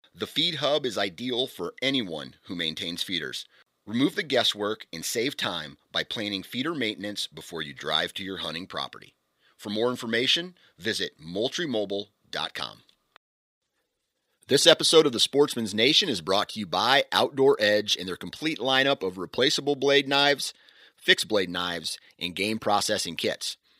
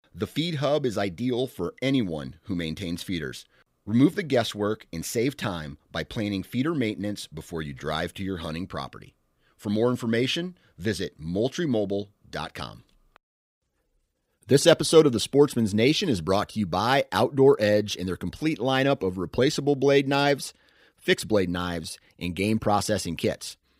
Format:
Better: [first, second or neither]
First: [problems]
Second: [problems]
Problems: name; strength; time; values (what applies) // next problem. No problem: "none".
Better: second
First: thin; very slightly; fading below 450 Hz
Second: none